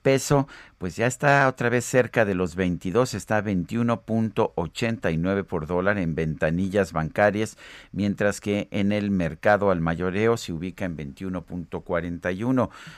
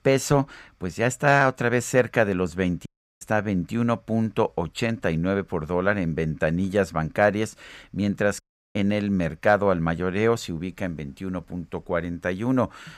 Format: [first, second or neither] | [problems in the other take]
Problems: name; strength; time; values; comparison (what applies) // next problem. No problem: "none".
first | audio cutting out; at 3 s and at 8.5 s